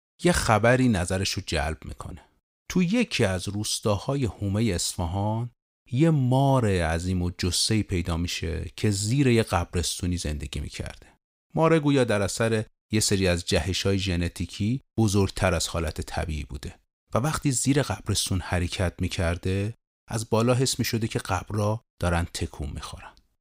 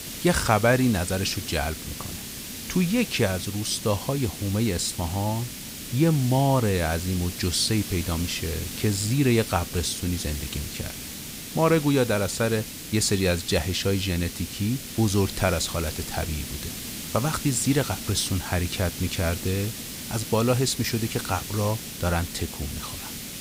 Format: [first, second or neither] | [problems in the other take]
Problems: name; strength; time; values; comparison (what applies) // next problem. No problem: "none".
first | hiss; loud; throughout; 8 dB below the speech